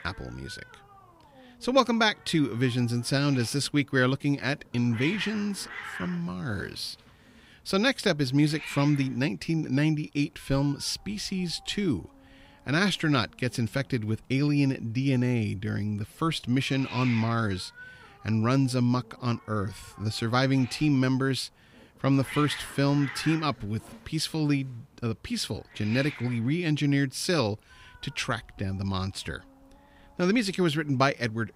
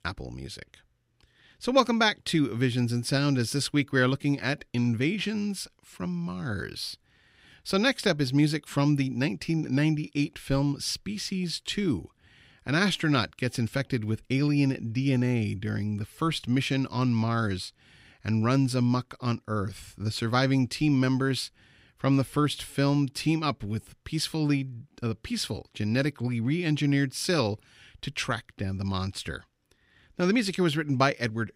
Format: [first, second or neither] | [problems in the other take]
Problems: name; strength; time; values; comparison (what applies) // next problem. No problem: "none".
second | hiss; noticeable; throughout; 15 dB below the speech